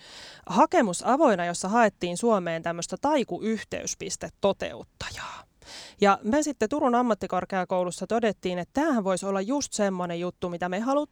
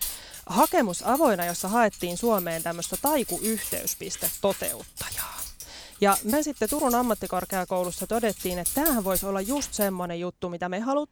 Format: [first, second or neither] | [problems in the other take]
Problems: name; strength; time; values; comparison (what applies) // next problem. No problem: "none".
first | jangling keys; loud; until 10 s; peak 1 dB above the speech